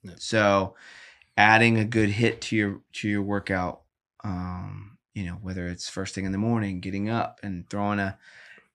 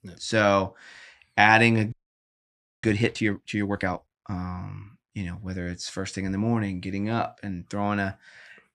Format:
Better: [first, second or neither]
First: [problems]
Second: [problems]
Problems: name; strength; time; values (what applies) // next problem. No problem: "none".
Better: first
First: none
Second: audio freezing; at 2 s for 1 s